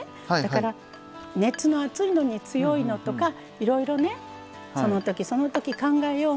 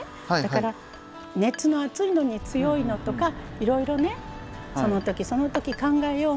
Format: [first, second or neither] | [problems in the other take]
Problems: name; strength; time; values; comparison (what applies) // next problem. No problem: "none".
first | background sound (Wind / Breathing); 16 dB below the speech